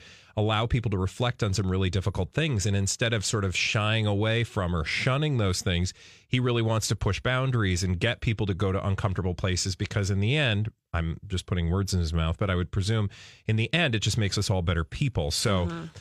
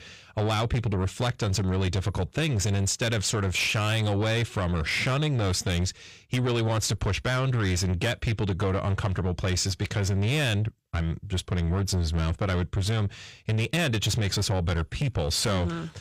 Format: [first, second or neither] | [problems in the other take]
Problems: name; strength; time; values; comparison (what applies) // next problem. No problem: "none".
first | distortion; slight; 10 dB below the speech